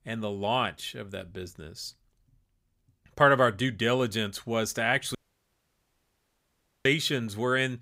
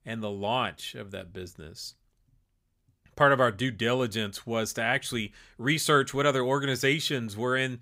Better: second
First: audio cutting out; at 5 s for 1.5 s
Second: none

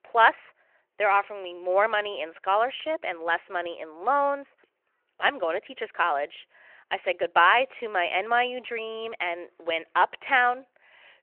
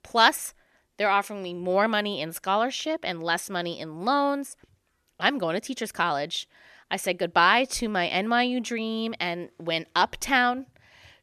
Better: second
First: phone-call audio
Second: none

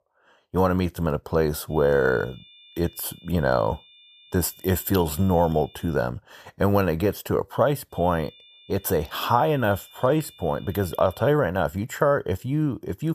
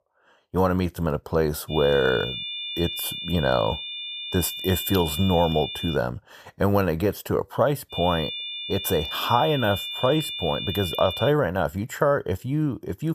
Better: first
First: high-pitched whine; faint; from 1.5 to 6 s and from 8 to 11 s; 3.5 kHz, 25 dB below the speech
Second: high-pitched whine; loud; from 1.5 to 6 s and from 8 to 11 s; 3.5 kHz, 6 dB below the speech

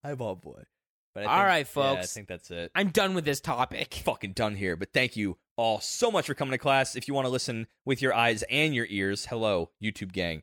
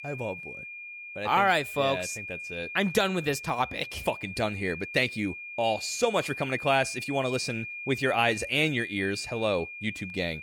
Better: first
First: none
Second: high-pitched whine; loud; throughout; 2.5 kHz, 9 dB below the speech

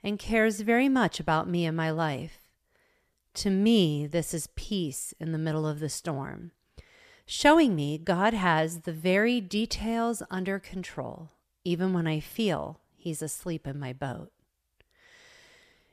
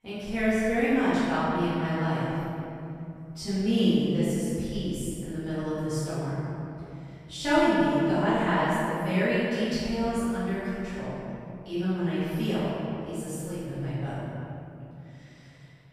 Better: first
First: none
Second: off-mic speech; far // room echo; strong; dies away in 2.9 s

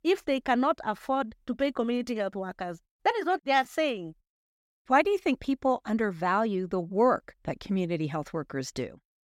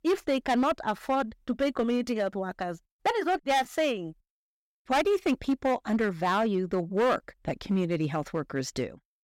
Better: first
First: none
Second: distortion; slight; 7% of the sound clipped

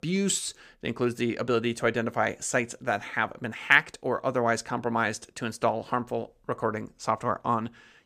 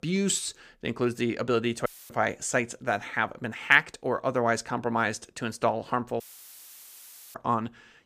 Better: first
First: none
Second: audio cutting out; filled with static; at 2 s and at 6 s for 1 s

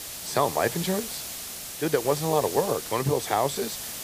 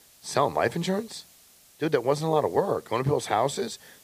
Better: second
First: hiss; loud; throughout; 7 dB below the speech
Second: hiss; faint; throughout; 25 dB below the speech

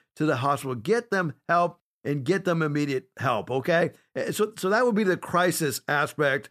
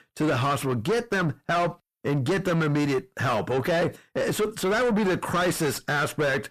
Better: first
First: none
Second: distortion; heavy; 6 dB below the speech

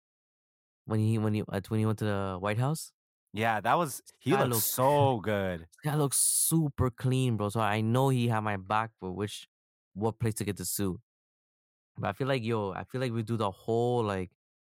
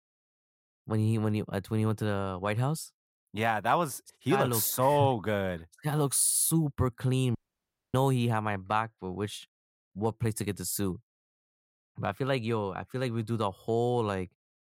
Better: first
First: none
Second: audio cutting out; at 7.5 s for 0.5 s

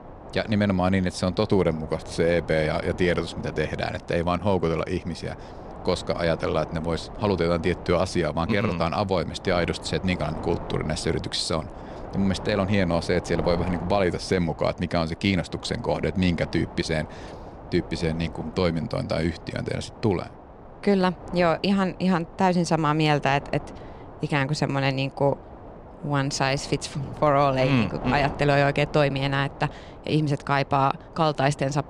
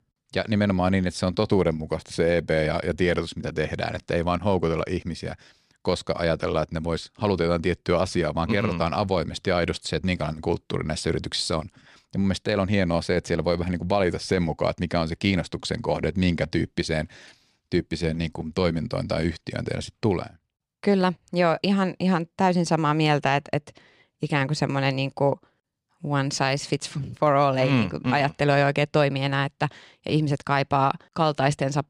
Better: second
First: wind noise on the microphone; occasional gusts; 15 dB below the speech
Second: none

